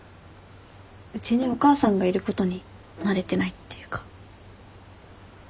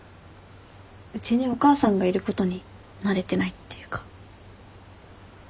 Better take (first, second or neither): second